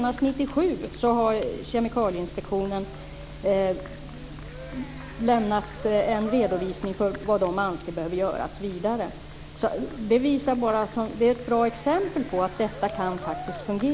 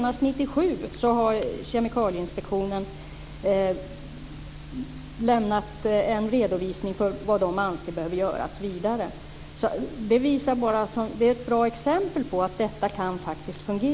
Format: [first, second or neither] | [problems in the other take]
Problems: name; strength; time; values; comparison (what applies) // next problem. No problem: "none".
second | background sound (Cheering); 17 dB below the speech